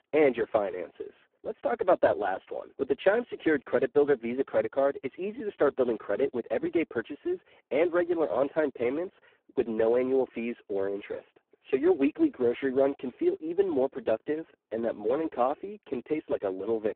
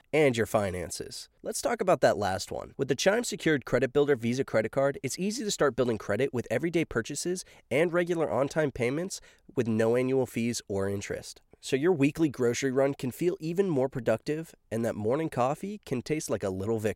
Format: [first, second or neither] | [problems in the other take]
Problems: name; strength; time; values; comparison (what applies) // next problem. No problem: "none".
second | phone-call audio; poor line; nothing above 3.5 kHz